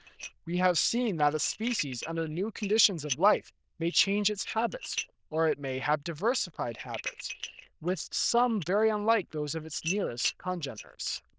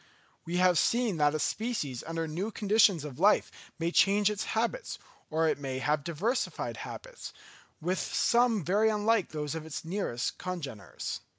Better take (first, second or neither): second